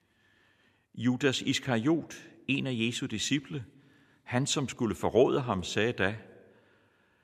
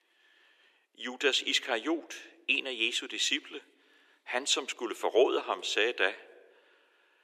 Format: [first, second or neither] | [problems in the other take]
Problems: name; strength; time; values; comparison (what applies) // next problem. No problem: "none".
first | thin; very; fading below 350 Hz